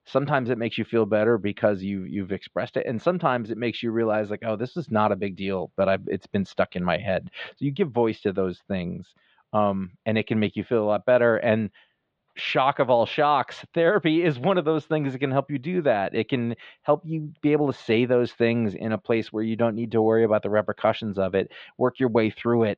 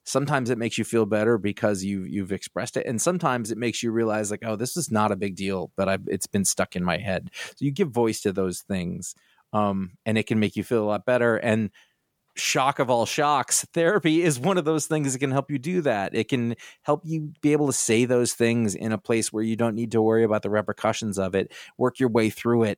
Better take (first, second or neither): second